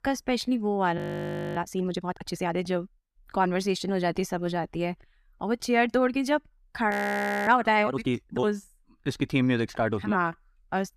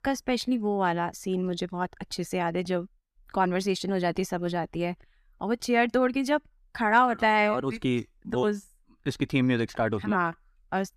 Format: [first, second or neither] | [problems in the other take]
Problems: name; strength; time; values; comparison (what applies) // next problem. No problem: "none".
second | audio freezing; at 1 s for 0.5 s and at 7 s for 0.5 s